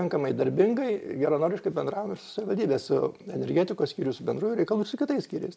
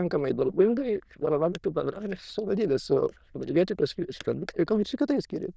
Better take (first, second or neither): first